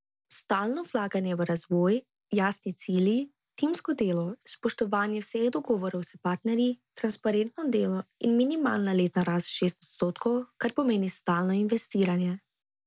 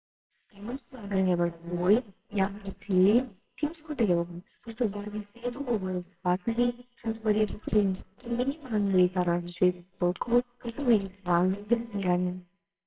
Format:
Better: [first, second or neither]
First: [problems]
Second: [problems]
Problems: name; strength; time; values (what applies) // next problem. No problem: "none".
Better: first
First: none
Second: noise reduction (neural separator model SepFormer WHAMR!)